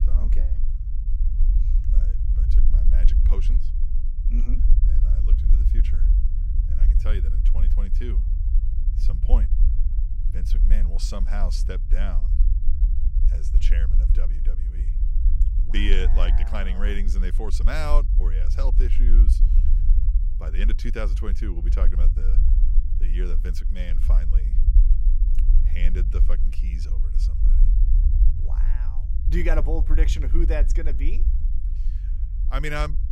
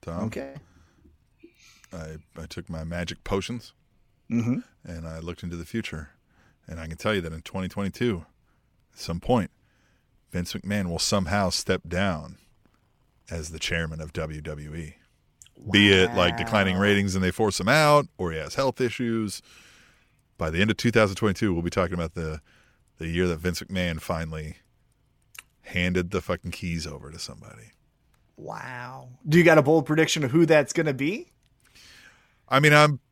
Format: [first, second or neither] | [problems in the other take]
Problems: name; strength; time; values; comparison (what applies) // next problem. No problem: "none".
second | low rumble; noticeable; throughout; 10 dB below the speech